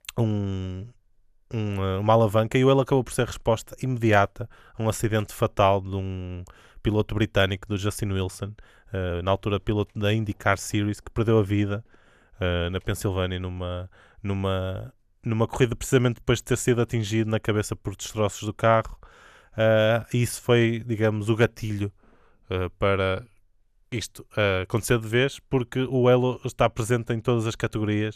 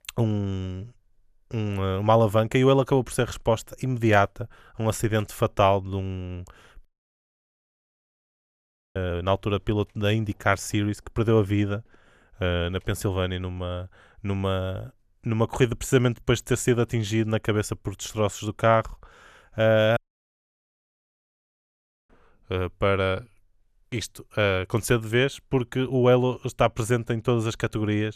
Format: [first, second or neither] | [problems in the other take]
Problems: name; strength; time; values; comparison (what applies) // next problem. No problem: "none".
first | audio cutting out; at 7 s for 2 s and at 20 s for 2 s